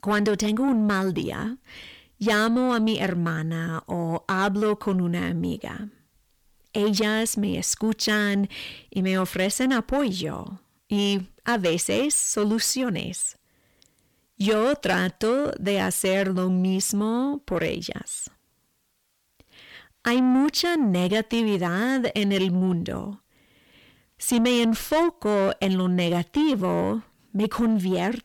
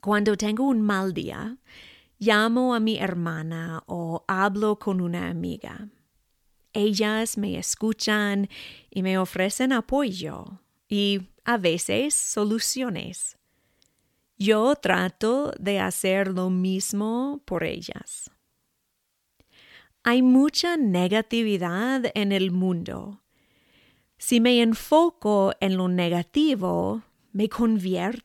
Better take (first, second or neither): second